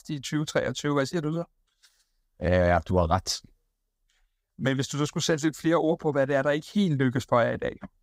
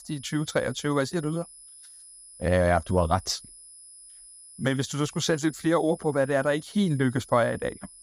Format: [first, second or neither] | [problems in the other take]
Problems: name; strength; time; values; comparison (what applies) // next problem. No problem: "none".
first | high-pitched whine; noticeable; throughout; 10 kHz, 20 dB below the speech